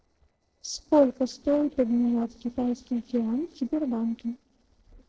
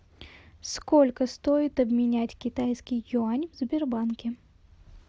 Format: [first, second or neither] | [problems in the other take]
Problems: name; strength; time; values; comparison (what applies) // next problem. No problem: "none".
second | noise reduction (neural separator model SepFormer DNS4)